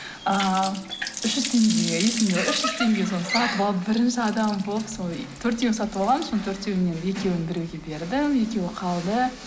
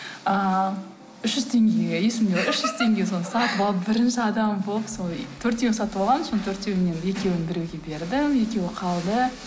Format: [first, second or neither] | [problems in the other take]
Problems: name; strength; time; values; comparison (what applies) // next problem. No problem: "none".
second | background sound (Water tap, faucet); 11 dB below the speech